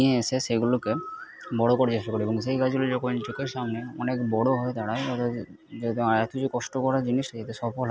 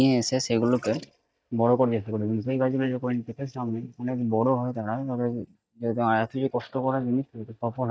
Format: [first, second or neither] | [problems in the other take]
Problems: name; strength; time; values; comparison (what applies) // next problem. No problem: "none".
first | noise reduction (neural mask model DeepFilterNet 3)